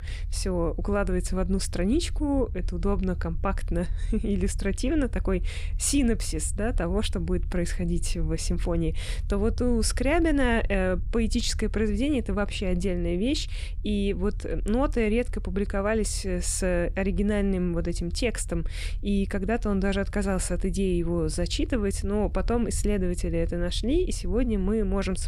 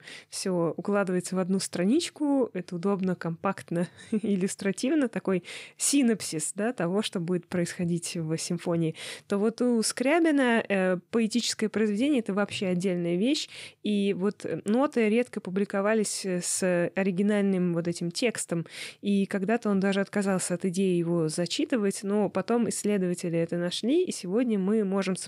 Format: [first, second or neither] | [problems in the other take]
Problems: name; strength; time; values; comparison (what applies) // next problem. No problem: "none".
second | low rumble; faint; throughout; 25 dB below the speech